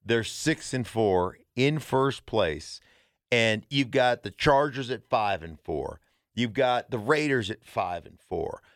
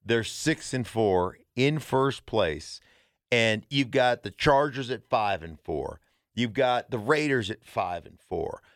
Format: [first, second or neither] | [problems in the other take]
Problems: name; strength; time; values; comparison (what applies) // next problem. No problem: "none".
neither | none